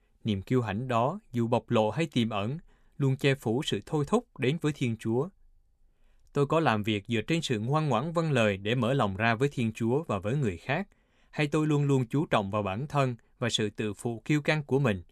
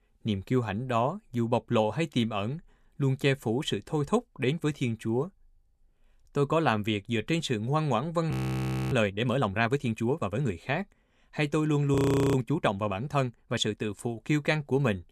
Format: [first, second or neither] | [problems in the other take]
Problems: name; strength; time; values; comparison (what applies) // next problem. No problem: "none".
first | audio freezing; at 8.5 s for 0.5 s and at 12 s